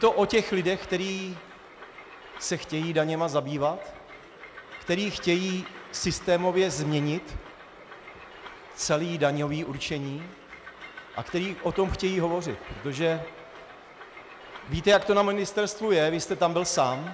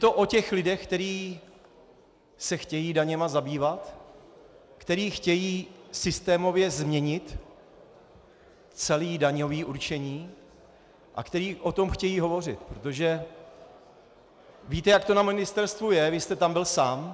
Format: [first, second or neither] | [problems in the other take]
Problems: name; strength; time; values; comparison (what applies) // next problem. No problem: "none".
second | background sound (Train); 18 dB below the speech